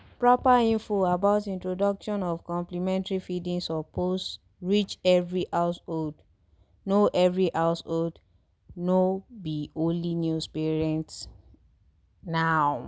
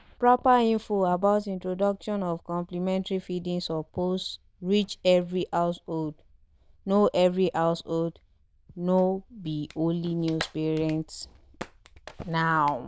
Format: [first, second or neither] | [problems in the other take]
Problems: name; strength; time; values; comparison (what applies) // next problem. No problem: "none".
first | noise reduction (neural diffusion model UNIVERSE++)